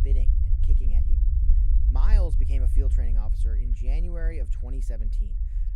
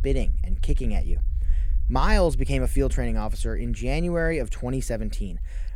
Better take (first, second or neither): second